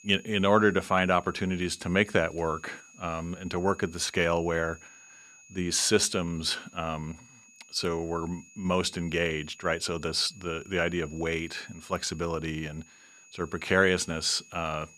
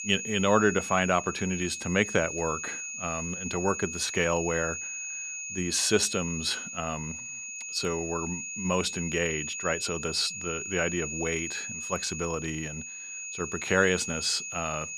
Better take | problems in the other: first | high-pitched whine; loud; throughout; 6.5 kHz, 6 dB below the speech; faint in the first

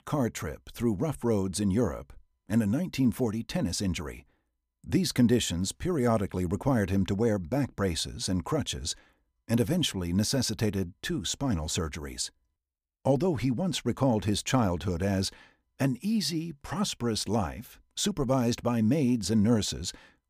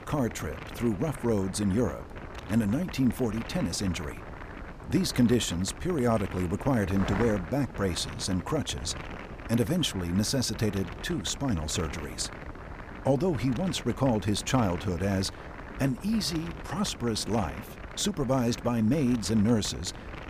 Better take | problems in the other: first | wind noise on the microphone; occasional gusts; 10 dB below the speech

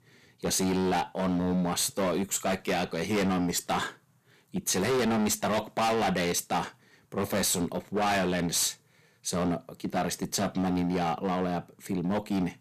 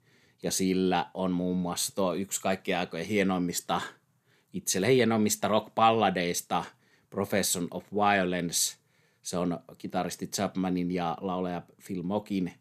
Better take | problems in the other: second | distortion; heavy; 18% of the sound clipped

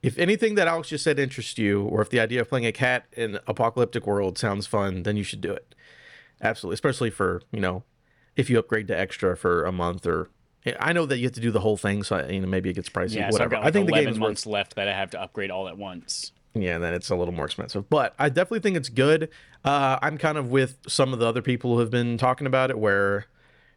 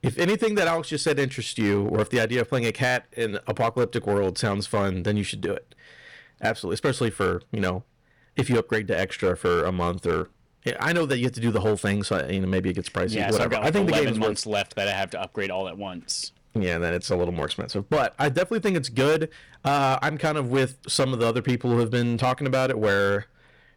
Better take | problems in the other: first | distortion; slight; 8% of the sound clipped

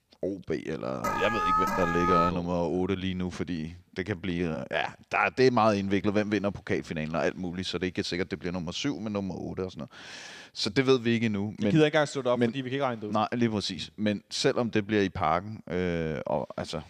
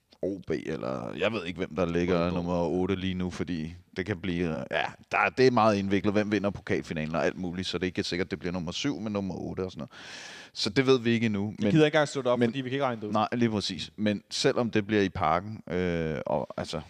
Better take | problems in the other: second | alarm; loud; from 1 to 2.5 s; peak 3 dB above the speech

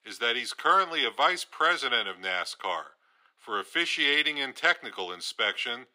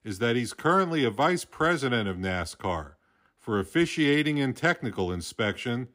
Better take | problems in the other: second | thin; very; fading below 600 Hz

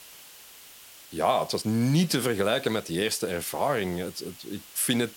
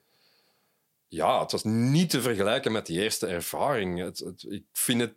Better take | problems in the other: second | hiss; noticeable; throughout; 20 dB below the speech

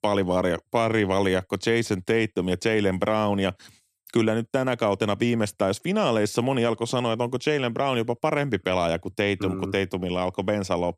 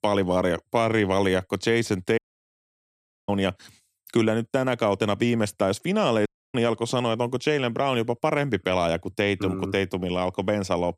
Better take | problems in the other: first | audio cutting out; at 2 s for 1 s and at 6.5 s

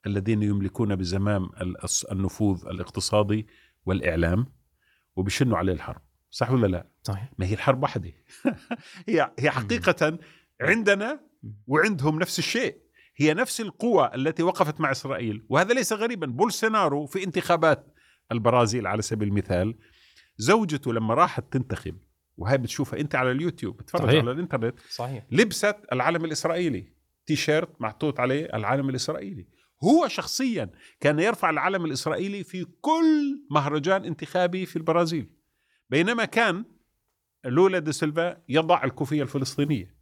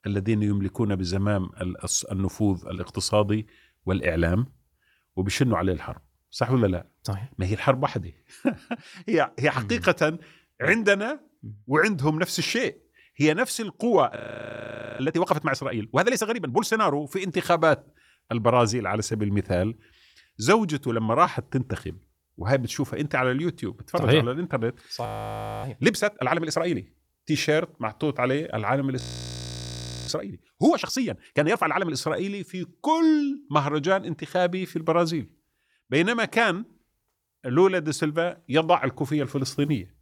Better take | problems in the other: first | audio freezing; at 14 s for 1 s, at 25 s for 0.5 s and at 29 s for 1 s

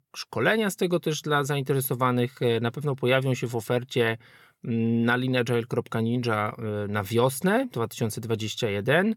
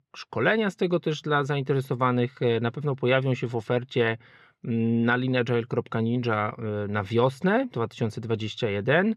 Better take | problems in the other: first | muffled; slightly; fading above 3.5 kHz

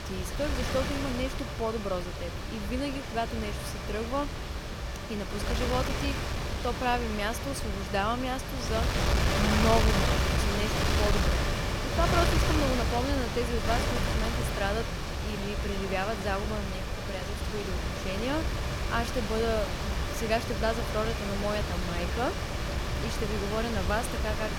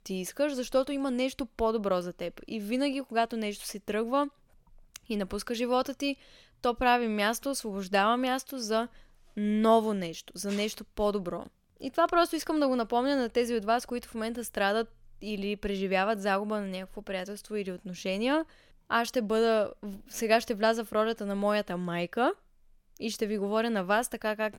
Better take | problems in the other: second | wind noise on the microphone; heavy; as loud as the speech

